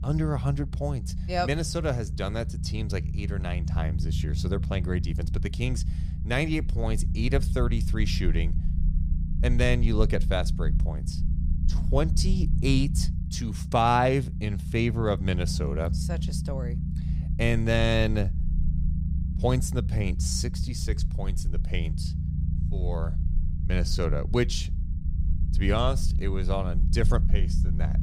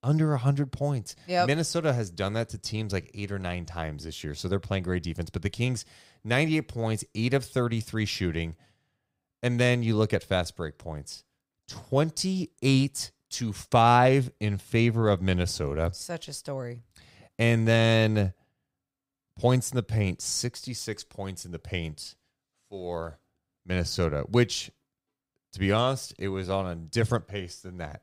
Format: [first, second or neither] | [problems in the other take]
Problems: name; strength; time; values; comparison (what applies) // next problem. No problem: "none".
second | low rumble; noticeable; throughout; 15 dB below the speech